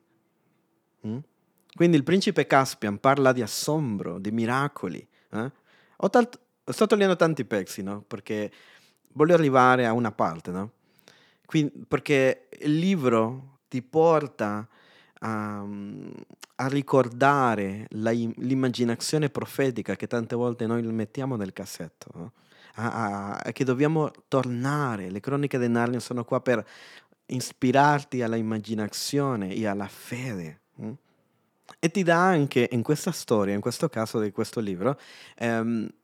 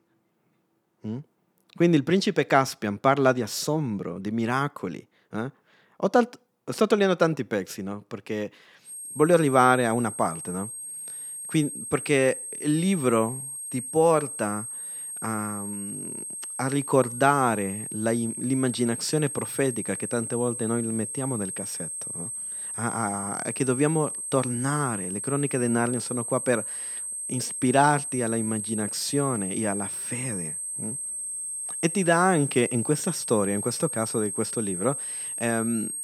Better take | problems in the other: first | high-pitched whine; loud; from 9 s on; 8.5 kHz, 6 dB below the speech

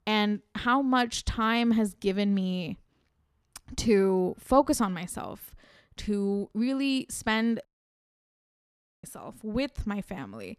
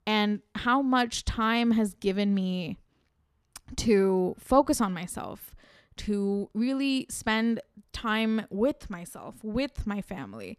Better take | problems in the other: second | audio cutting out; at 7.5 s for 1.5 s

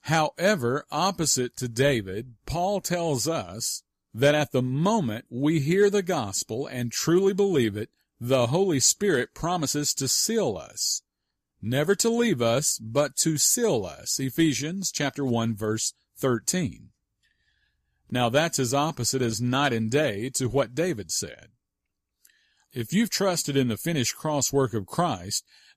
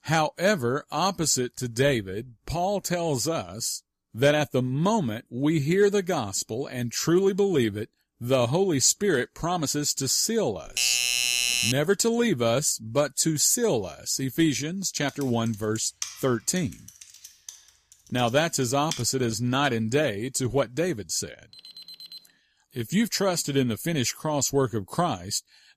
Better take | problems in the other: first | doorbell; loud; from 11 to 12 s; peak 4 dB above the speech // keyboard typing; noticeable; from 15 to 19 s; peak 9 dB below the speech // alarm; faint; at 22 s; peak 15 dB below the speech

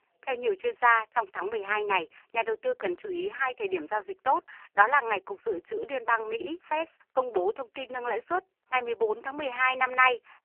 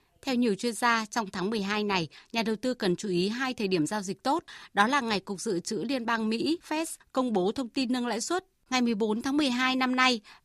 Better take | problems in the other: second | phone-call audio; poor line; nothing above 3 kHz

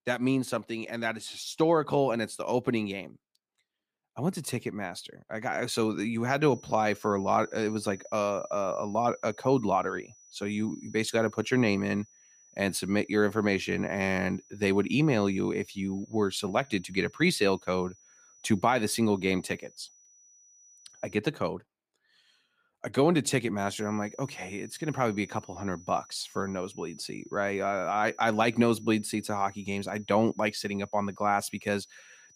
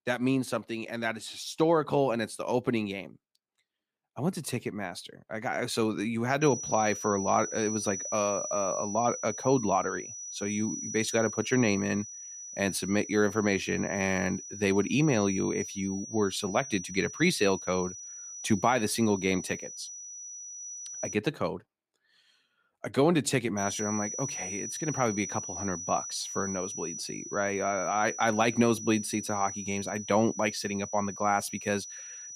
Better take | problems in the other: first | high-pitched whine; loud; from 6.5 to 21 s and from 24 s on; 6 kHz, 8 dB below the speech; faint in the first

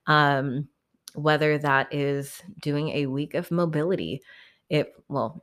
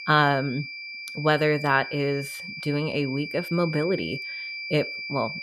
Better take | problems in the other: first | high-pitched whine; loud; throughout; 2.5 kHz, 8 dB below the speech

